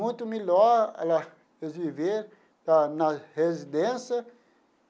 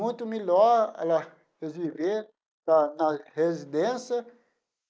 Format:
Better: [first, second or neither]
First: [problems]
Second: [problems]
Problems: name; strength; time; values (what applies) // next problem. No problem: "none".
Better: first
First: none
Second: noise reduction (neural mask model Resemble Enhance denoiser)